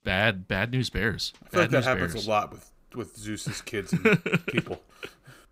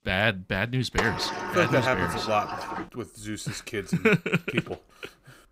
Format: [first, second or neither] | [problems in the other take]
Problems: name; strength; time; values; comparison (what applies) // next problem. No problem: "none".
first | door banging; noticeable; from 1 to 3 s; peak 3 dB below the speech